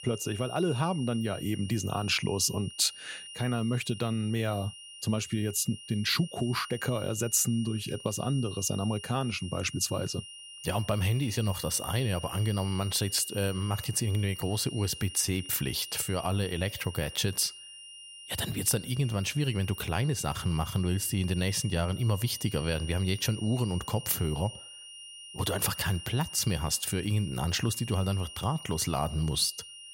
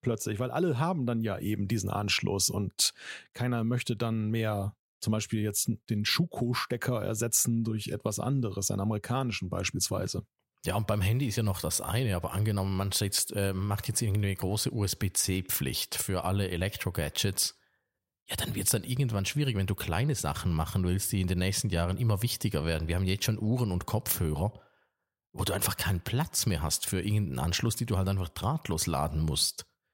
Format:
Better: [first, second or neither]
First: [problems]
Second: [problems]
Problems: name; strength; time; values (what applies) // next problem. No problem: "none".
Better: second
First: high-pitched whine; noticeable; throughout; 3 kHz, 15 dB below the speech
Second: none